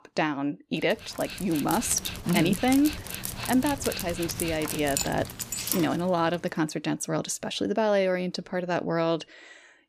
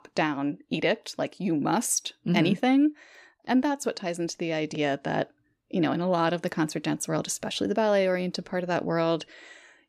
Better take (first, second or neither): second